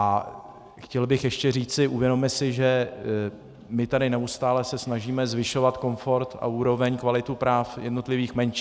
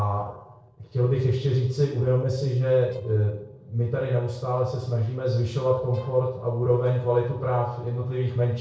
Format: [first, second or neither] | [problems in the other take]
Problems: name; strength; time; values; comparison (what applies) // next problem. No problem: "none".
first | noise reduction (neural separator model SepFormer DNS4)